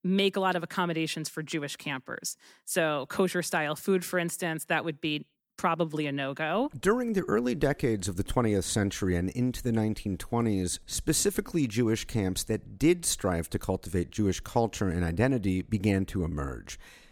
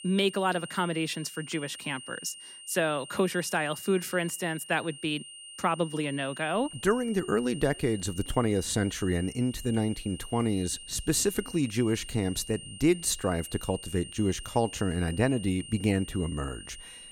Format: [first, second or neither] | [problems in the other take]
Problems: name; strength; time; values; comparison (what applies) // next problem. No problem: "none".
first | high-pitched whine; noticeable; throughout; 3 kHz, 15 dB below the speech